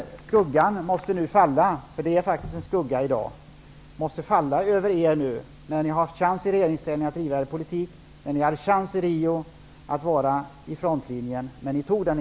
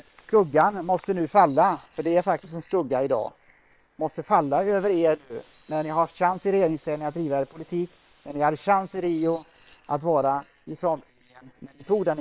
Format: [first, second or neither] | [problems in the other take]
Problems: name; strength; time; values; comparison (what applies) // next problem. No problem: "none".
first | noise reduction (neural separator model SepFormer WHAM!)